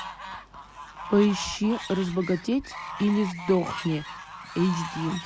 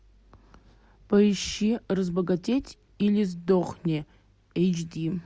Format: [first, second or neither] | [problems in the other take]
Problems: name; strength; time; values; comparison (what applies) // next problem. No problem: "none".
second | background sound (Fowl); 11 dB below the speech